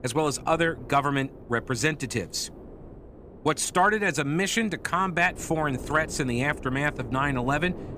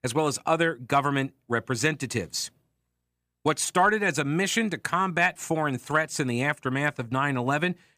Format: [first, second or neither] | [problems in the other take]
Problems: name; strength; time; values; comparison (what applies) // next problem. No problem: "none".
second | wind noise on the microphone; occasional gusts; 20 dB below the speech